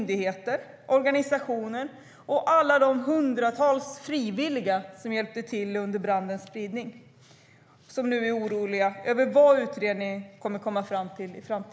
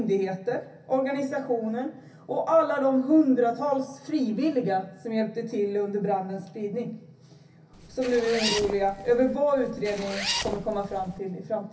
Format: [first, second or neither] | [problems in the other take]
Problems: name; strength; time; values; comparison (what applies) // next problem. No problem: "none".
first | background sound (Zipper (clothing)); 8 dB below the speech // room echo; dies away in 0.3 s